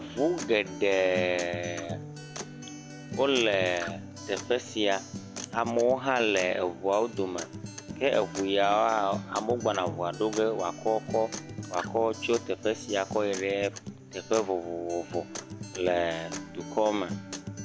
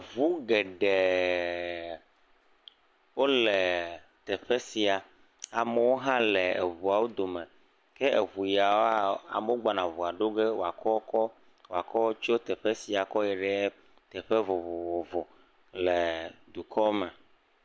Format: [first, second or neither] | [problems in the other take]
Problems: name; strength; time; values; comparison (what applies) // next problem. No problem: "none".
second | background sound (Acoustic guitar); 11 dB below the speech